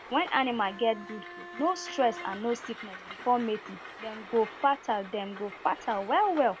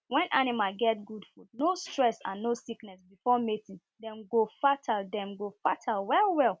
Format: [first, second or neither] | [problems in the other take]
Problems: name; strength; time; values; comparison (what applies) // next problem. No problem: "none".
second | background sound (Train + Bowed string instrument); 14 dB below the speech